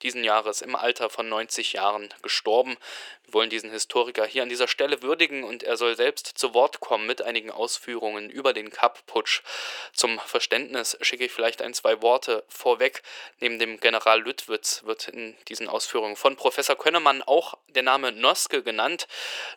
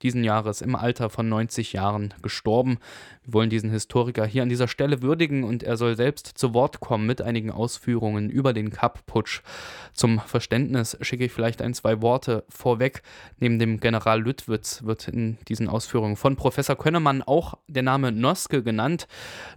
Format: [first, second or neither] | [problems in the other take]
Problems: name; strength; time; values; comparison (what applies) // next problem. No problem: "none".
second | thin; very; fading below 400 Hz